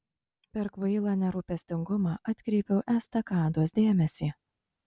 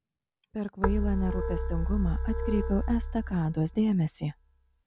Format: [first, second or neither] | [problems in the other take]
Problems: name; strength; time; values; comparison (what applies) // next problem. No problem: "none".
first | background sound (Keyboard (musical)); 1 dB below the speech